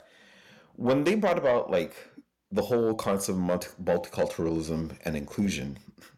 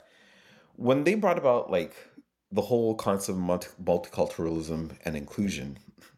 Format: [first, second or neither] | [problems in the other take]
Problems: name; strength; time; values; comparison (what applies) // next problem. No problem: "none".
second | distortion; slight; 10 dB below the speech